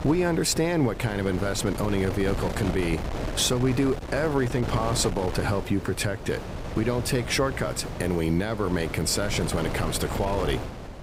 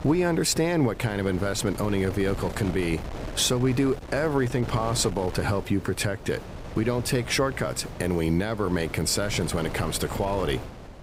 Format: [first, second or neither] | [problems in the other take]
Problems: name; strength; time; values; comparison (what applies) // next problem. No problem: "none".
second | wind noise on the microphone; heavy; 8 dB below the speech; occasional gusts in the second